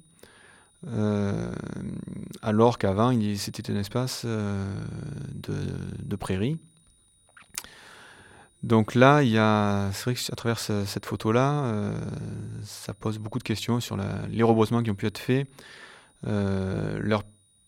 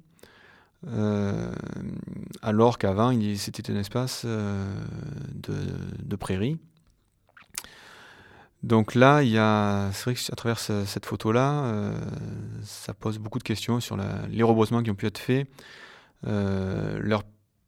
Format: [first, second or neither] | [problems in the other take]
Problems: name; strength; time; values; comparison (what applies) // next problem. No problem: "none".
second | high-pitched whine; faint; throughout; 9.5 kHz, 35 dB below the speech